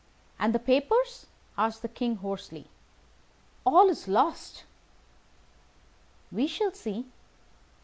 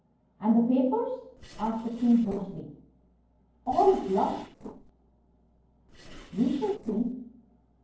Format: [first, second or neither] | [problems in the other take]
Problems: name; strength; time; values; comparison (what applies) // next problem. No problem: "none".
first | noise reduction (neural separator model SepFormer DNS4)